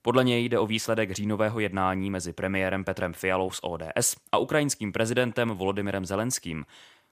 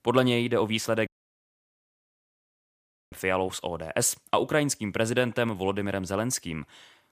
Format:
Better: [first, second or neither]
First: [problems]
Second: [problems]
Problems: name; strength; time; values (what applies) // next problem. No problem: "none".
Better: first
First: none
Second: audio cutting out; at 1 s for 2 s